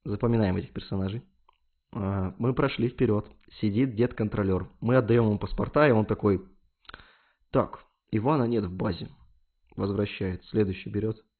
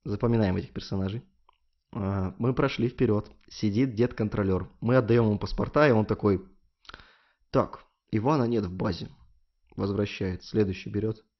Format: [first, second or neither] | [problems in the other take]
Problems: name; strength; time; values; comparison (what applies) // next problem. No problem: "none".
second | garbled, watery; badly; nothing above 4 kHz; slightly in the second